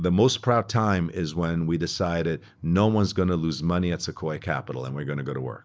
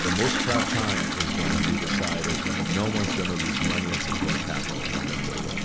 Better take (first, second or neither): first